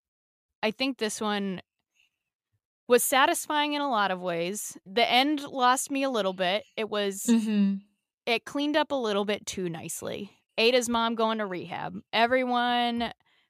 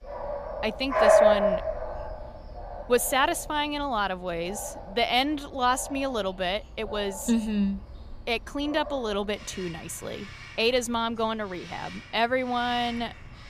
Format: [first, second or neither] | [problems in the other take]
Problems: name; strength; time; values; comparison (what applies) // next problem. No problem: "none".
first | animal sounds; loud; throughout; as loud as the speech